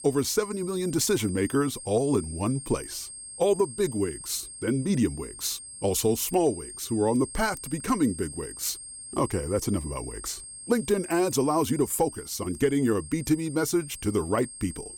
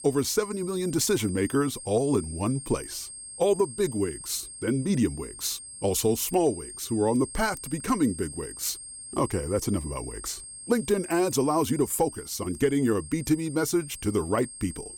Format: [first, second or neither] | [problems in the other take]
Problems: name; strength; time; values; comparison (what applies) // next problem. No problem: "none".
neither | high-pitched whine; noticeable; throughout; 8.5 kHz, 10 dB below the speech; the same in both